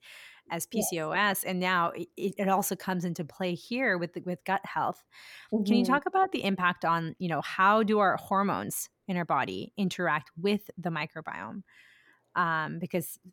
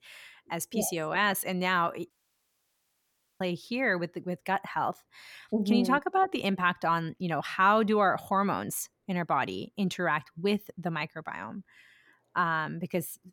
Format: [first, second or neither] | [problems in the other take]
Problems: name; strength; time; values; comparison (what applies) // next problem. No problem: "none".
first | audio cutting out; at 2 s for 1.5 s